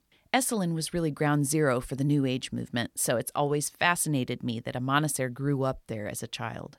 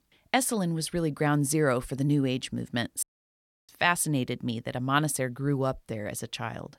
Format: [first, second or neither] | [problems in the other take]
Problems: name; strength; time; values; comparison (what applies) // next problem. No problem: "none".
first | audio cutting out; at 3 s for 0.5 s